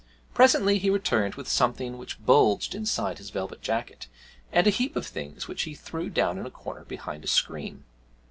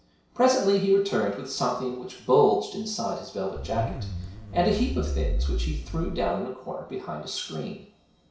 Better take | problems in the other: first | background sound (Zipper (clothing)); 2 dB below the speech // room echo; dies away in 0.6 s

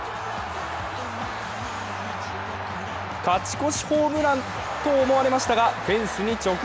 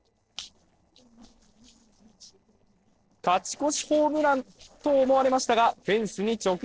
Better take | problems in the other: first | noise reduction (neural separator model SepFormer DNS4)

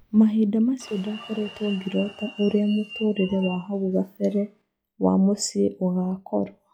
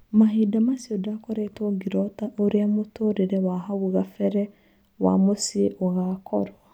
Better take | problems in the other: second | noise reduction (classical method log-MMSE)

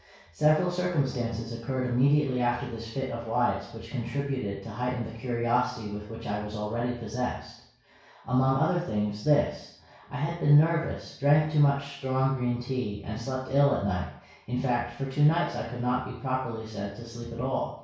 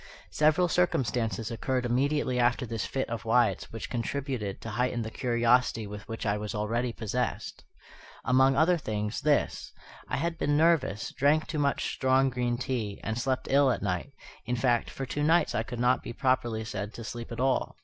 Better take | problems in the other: second | room echo; dies away in 0.6 s

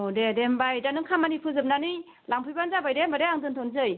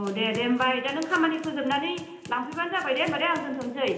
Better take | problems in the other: first | background sound (Run); 18 dB below the speech // room echo; dies away in 0.8 s

